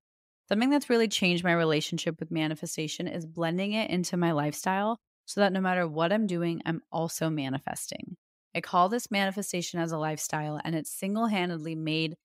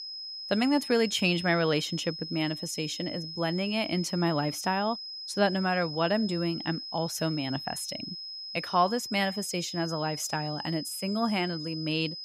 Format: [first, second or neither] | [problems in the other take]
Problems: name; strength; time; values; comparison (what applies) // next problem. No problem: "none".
first | high-pitched whine; loud; throughout; 5 kHz, 8 dB below the speech